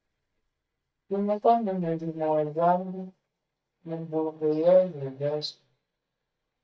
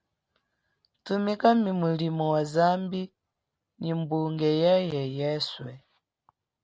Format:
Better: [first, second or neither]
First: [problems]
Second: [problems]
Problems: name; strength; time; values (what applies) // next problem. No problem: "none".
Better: second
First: noise reduction (neural mask model DeepFilterNet 3)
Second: none